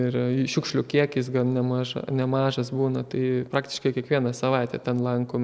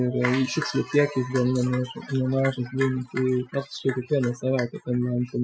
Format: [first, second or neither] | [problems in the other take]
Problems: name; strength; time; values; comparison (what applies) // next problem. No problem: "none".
first | noise reduction (classical method Wiener filter)